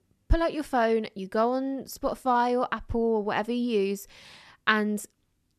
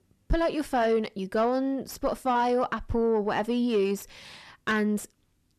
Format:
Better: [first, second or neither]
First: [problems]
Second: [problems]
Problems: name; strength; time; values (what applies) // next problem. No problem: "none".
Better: first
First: none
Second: distortion; slight; 10 dB below the speech